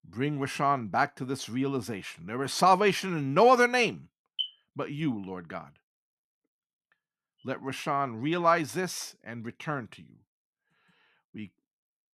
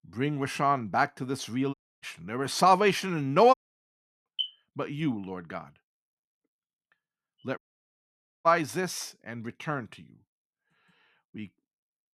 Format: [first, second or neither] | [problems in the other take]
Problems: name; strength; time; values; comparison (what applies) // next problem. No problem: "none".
first | audio cutting out; at 1.5 s, at 3.5 s for 0.5 s and at 7.5 s for 1 s